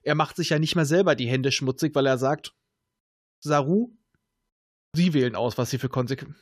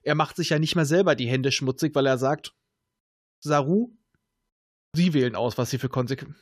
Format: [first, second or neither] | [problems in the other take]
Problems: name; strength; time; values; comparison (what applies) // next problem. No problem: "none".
neither | none